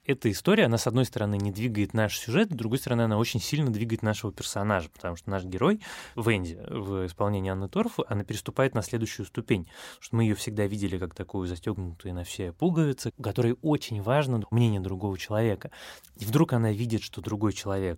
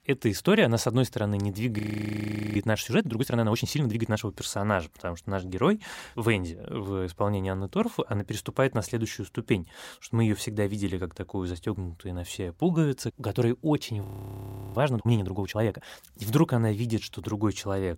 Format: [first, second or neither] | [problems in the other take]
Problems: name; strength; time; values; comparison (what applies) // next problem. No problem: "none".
first | audio freezing; at 2 s for 1 s and at 14 s for 0.5 s